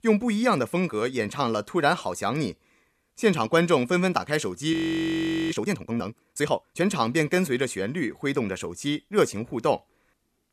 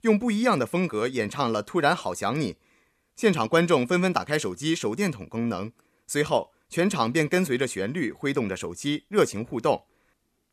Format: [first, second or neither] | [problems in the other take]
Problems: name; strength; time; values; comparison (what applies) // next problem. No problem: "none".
second | audio freezing; at 4.5 s for 1 s